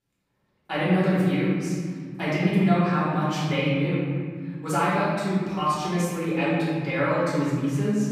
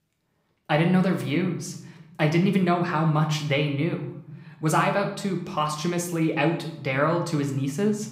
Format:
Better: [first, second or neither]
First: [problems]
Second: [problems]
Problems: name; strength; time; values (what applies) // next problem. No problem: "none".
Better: second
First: room echo; strong; dies away in 2.1 s // off-mic speech; far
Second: room echo; slight; dies away in 0.6 s